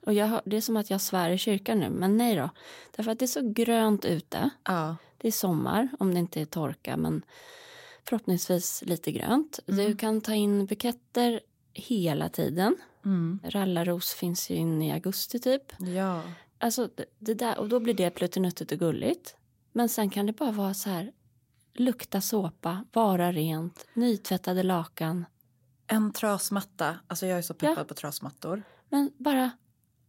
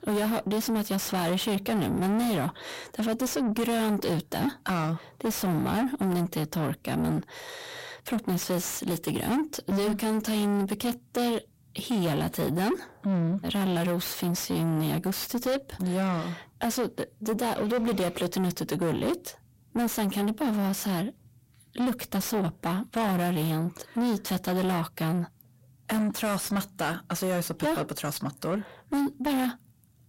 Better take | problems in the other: first | distortion; heavy; 7 dB below the speech

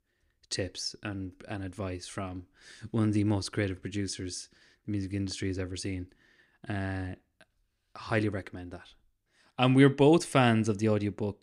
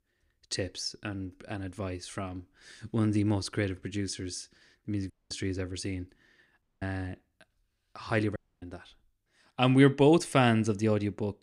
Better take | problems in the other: first | audio cutting out; at 5 s, at 6.5 s and at 8.5 s

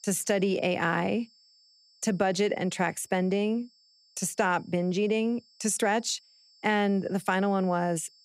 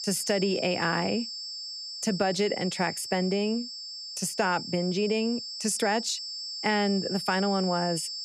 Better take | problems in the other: first | high-pitched whine; loud; throughout; 5.5 kHz, 6 dB below the speech; faint in the first

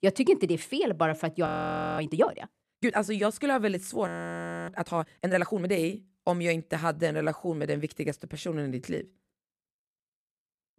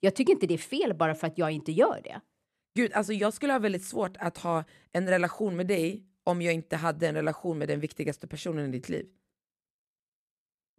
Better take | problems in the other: second | audio freezing; at 1.5 s for 0.5 s and at 4 s for 0.5 s

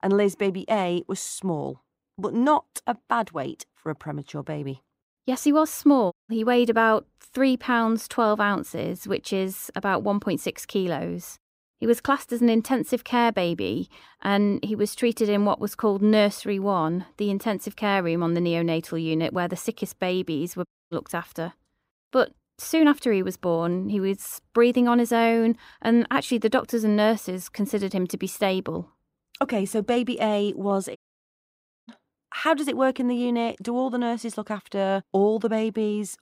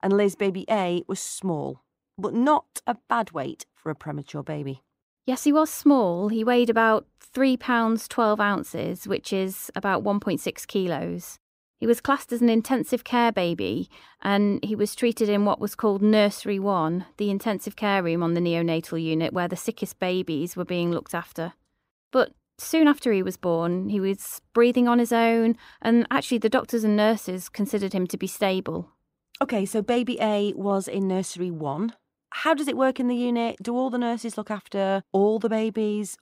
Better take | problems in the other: second | audio cutting out; at 6 s, at 21 s and at 31 s for 1 s

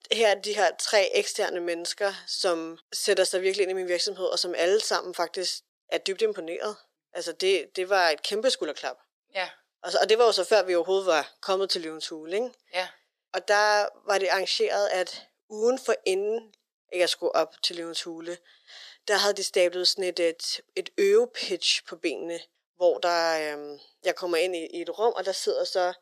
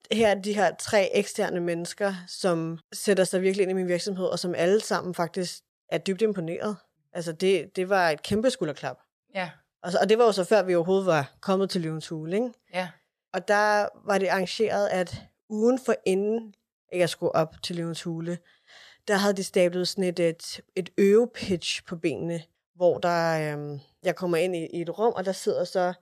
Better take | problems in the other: second | thin; very; fading below 300 Hz

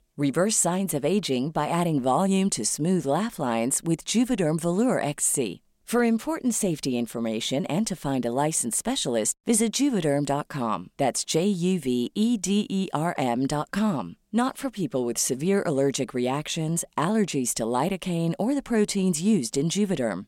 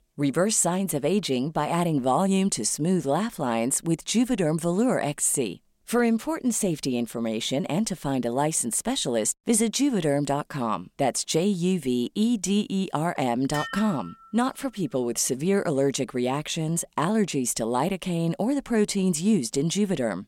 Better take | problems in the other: first | clattering dishes; noticeable; at 14 s; peak 8 dB below the speech

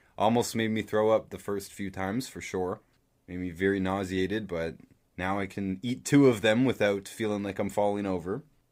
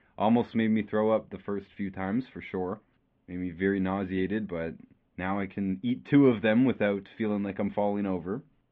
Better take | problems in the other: first | muffled; very; fading above 3 kHz

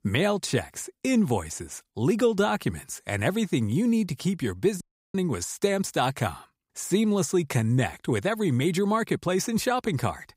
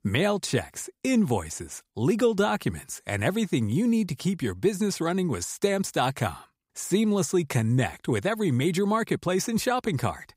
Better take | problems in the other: second | audio cutting out; at 5 s

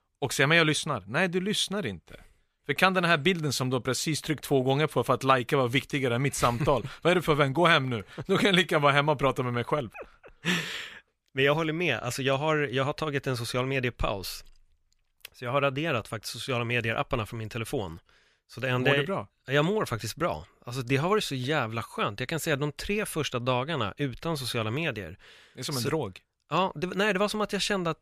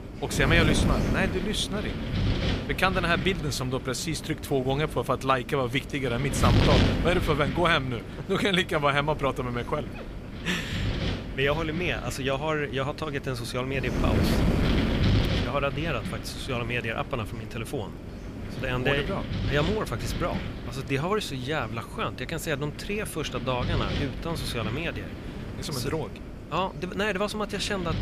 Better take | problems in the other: first | wind noise on the microphone; heavy; 8 dB below the speech

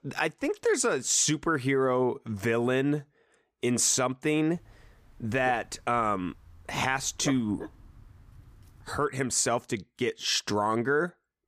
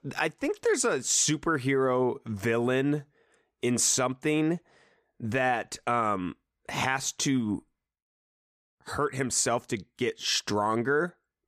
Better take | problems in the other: second | dog barking; faint; from 5.5 to 8.5 s; peak 10 dB below the speech

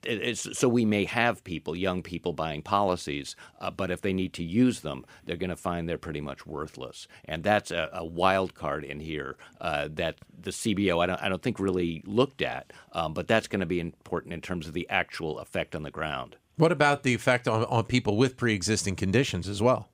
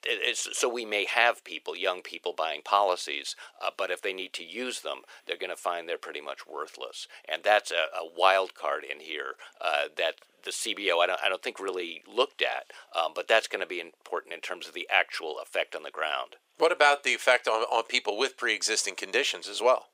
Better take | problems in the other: first | thin; very; fading below 450 Hz

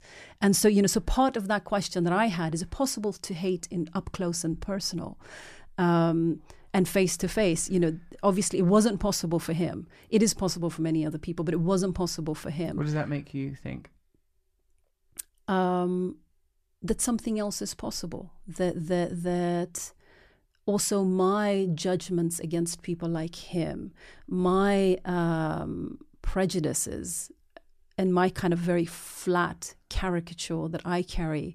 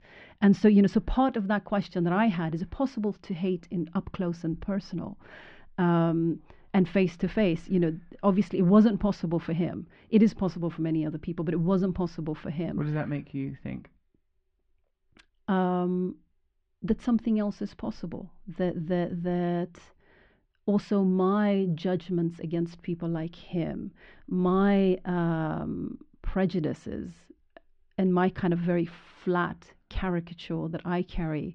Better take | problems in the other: first | muffled; very; fading above 3.5 kHz

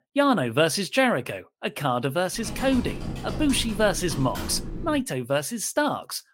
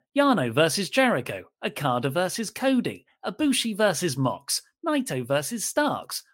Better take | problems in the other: second | keyboard typing; noticeable; from 2.5 to 5 s; peak 8 dB below the speech

